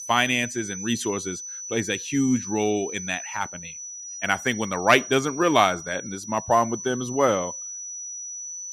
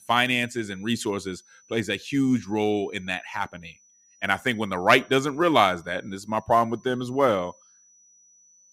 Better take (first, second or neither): second